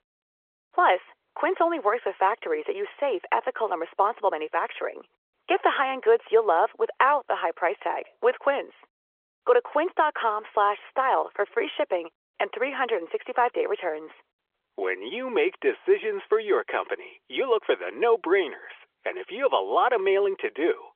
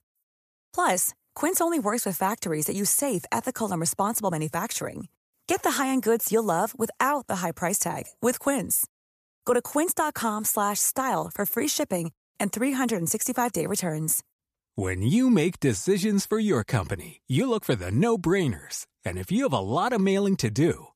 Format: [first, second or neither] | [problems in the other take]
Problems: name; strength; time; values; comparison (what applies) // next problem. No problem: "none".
second | phone-call audio; nothing above 3.5 kHz